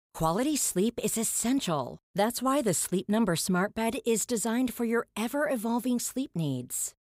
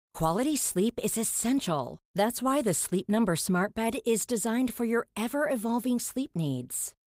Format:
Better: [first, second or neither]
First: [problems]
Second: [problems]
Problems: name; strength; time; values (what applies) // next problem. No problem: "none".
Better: first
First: none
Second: garbled, watery; slightly; nothing above 15.5 kHz